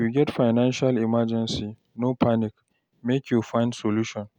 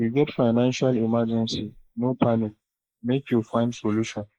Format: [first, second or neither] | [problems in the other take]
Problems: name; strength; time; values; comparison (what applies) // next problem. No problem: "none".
first | noise reduction (neural mask model Resemble Enhance denoiser)